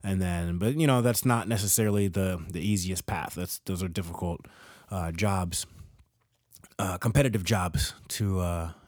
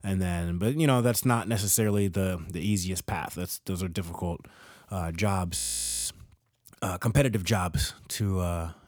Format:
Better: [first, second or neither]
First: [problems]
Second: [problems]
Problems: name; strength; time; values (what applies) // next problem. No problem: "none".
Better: first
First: none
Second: audio freezing; at 5.5 s